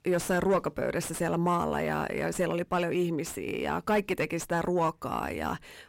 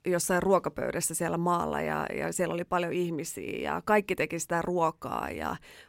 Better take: second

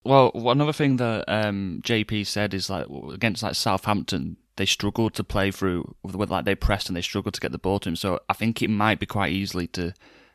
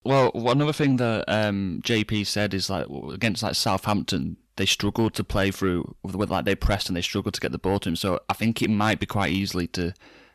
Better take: first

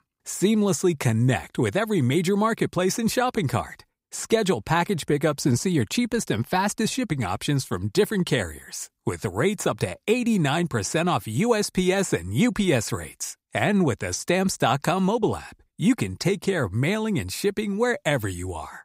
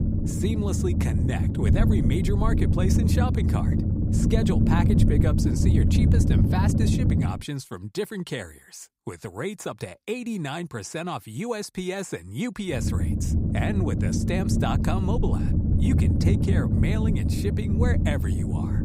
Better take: first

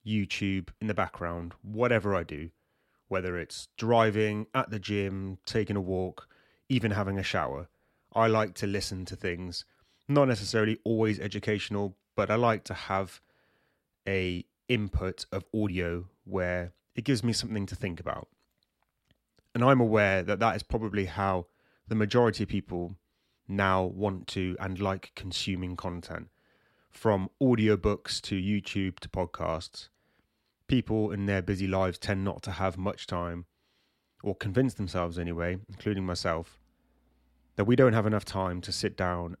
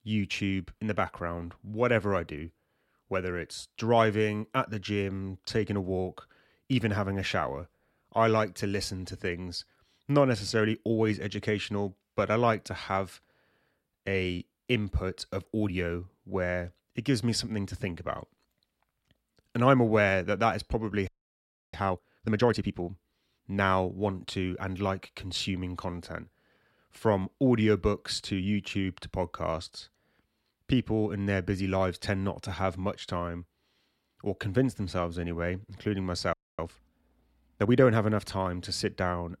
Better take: first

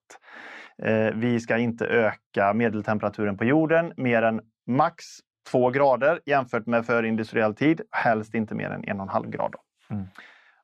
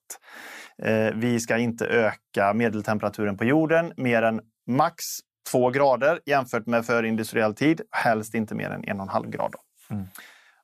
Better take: second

